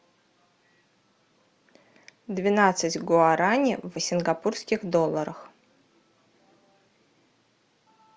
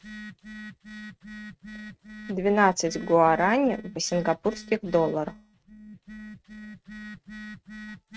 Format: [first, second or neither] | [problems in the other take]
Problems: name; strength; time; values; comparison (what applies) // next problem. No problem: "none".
first | noise reduction (neural mask model RNNoise)